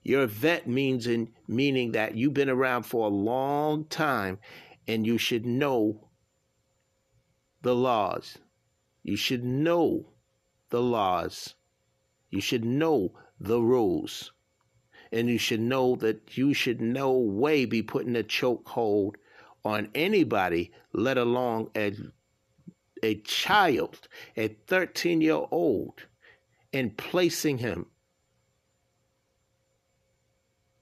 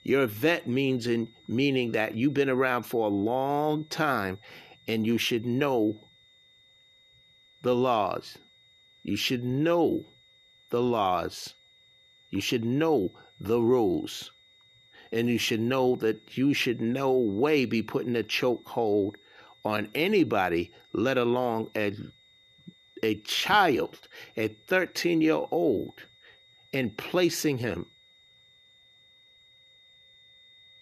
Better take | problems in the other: first | high-pitched whine; faint; throughout; 3.5 kHz, 30 dB below the speech

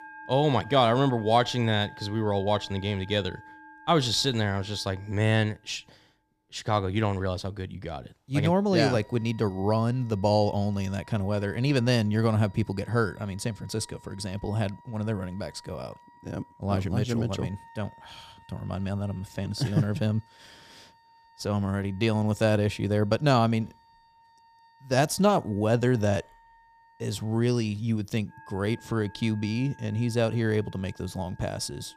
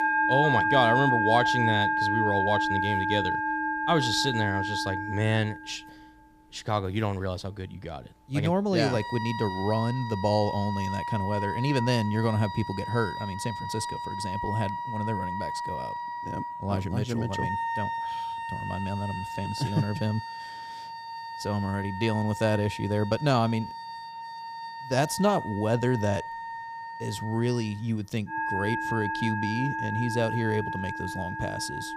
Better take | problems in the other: first | background music; loud; throughout; 2 dB below the speech; faint in the first

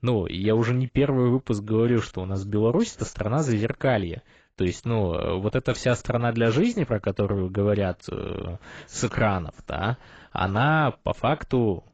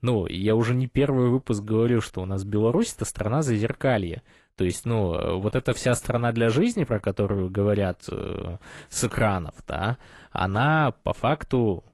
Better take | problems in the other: second | garbled, watery; badly; nothing above 7.5 kHz; slightly in the second

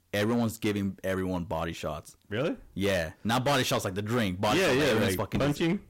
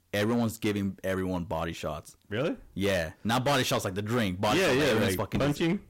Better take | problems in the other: neither | distortion; heavy; 13% of the sound clipped; the same in both

